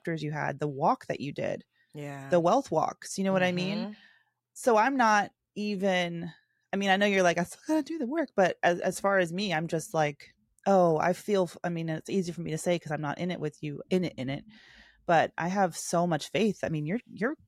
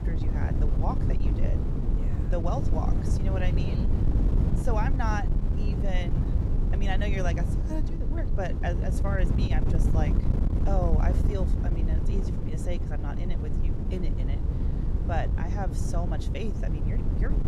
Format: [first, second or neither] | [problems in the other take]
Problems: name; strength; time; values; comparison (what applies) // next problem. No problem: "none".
first | wind noise on the microphone; heavy; 3 dB below the speech